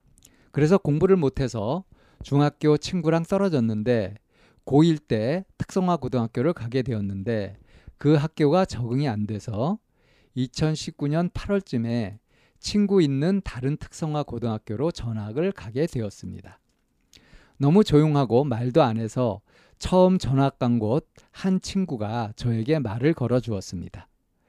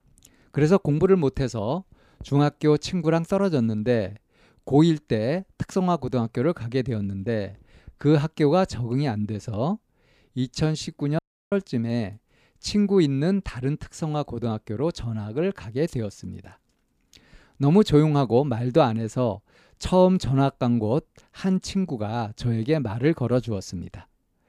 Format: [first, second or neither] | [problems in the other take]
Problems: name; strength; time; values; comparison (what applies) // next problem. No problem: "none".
first | audio cutting out; at 11 s